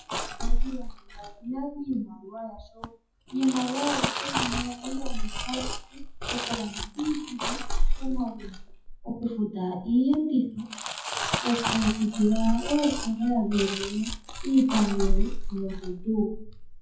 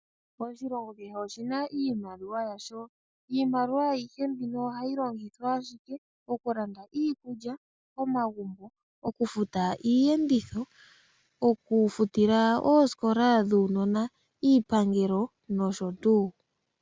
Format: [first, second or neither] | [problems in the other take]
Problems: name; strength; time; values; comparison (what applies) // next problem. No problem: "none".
second | noise reduction (classical method WPE with log-MMSE)